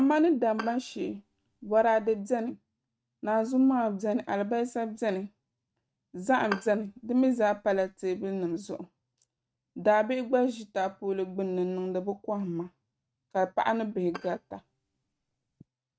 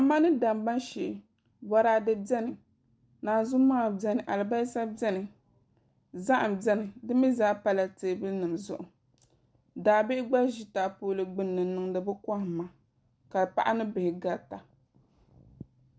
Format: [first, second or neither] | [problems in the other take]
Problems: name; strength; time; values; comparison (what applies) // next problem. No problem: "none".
second | noise reduction (neural mask model RNNoise)